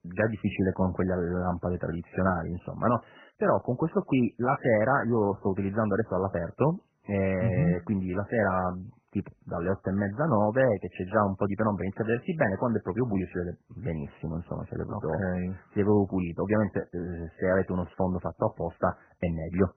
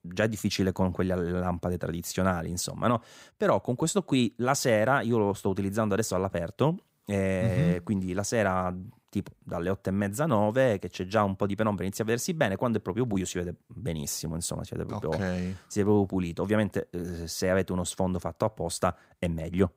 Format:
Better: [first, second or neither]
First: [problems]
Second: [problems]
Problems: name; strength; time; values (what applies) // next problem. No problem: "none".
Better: second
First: garbled, watery; badly; nothing above 3 kHz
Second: none